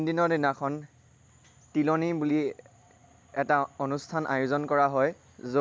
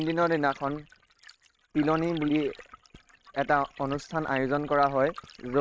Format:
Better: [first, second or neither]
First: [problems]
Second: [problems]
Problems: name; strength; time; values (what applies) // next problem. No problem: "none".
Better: first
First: none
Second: noise reduction (neural mask model RNNoise)